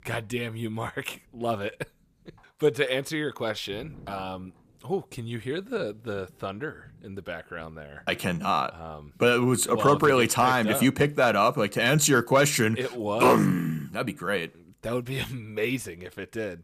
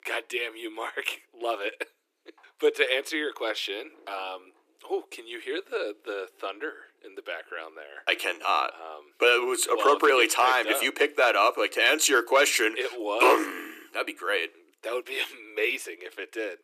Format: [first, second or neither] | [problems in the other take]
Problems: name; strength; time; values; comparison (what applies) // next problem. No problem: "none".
first | thin; very; fading below 300 Hz